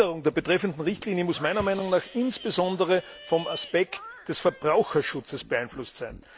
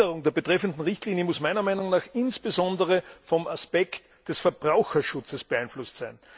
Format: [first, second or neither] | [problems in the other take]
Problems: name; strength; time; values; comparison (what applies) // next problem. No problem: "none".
second | background sound (Livestock, farm animals, working animals + Thump, thud); 19 dB below the speech